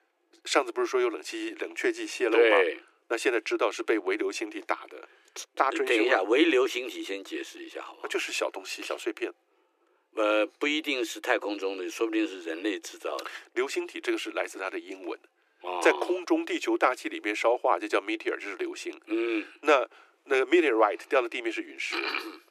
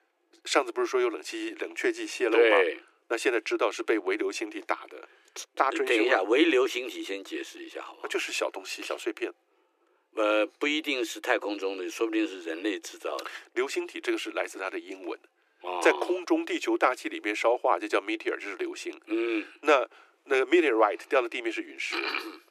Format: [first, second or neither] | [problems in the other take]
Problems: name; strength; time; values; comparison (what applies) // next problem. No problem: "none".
neither | thin; very; fading below 300 Hz; the same in both